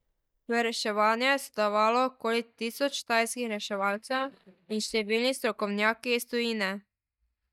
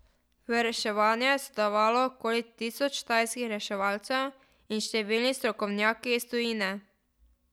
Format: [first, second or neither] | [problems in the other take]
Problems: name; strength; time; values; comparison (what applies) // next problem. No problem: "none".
second | noise reduction (neural mask model DeepFilterNet 3)